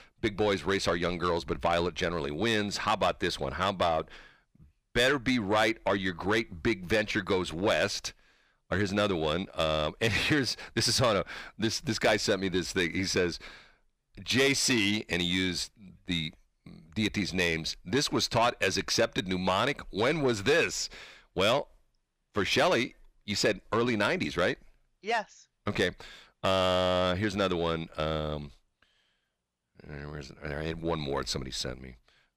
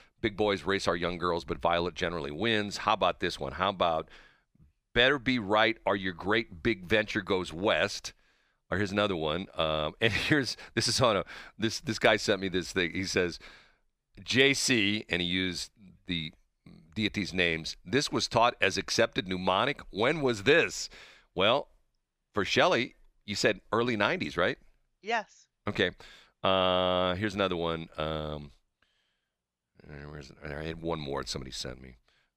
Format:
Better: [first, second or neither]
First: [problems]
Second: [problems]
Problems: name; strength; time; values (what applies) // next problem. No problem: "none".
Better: second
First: distortion; slight; 10 dB below the speech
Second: none